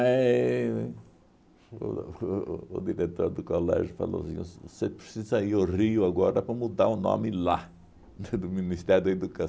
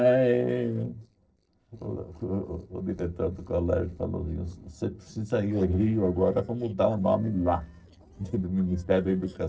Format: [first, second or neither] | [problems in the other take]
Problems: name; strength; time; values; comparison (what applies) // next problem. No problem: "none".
first | noise reduction (neural separator model SepFormer DNS4)